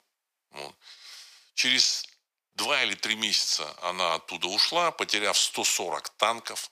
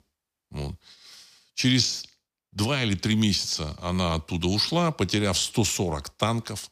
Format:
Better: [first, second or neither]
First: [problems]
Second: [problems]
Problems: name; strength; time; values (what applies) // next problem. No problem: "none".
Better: second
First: thin; very; fading below 700 Hz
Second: none